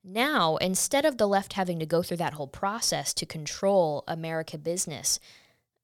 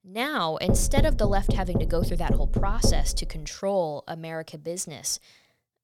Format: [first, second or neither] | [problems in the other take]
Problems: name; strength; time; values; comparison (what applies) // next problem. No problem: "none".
first | door banging; loud; from 0.5 to 3.5 s; peak 4 dB above the speech